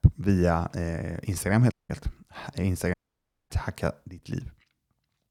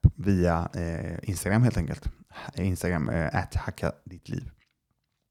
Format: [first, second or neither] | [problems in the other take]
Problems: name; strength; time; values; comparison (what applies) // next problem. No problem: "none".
second | audio cutting out; at 1.5 s and at 3 s for 0.5 s